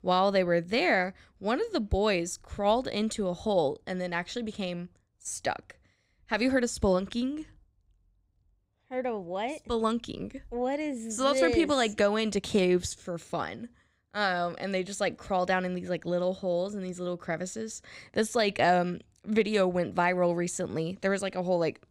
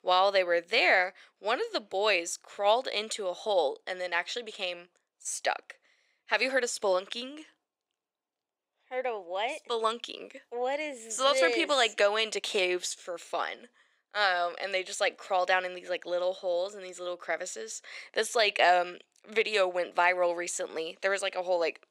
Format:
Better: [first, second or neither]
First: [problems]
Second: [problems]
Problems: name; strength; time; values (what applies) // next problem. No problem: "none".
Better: first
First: none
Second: thin; very; fading below 450 Hz